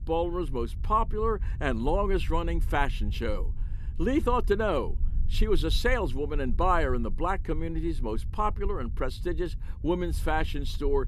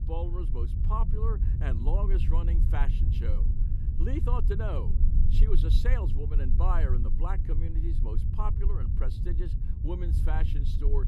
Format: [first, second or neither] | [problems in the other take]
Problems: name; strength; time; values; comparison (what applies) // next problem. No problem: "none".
first | low rumble; loud; throughout; 6 dB below the speech; faint in the first